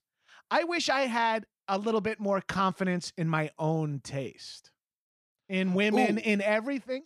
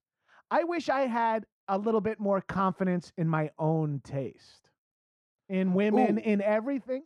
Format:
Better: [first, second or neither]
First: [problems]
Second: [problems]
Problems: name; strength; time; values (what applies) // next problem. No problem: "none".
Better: first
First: none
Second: muffled; slightly; fading above 2 kHz